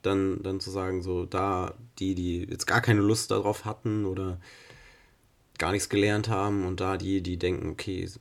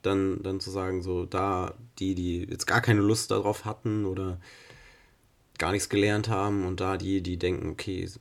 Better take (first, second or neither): neither